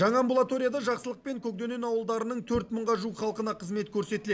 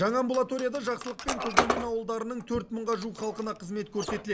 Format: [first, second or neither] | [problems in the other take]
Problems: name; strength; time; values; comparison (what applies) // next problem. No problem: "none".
first | background sound (Squeak); 4 dB below the speech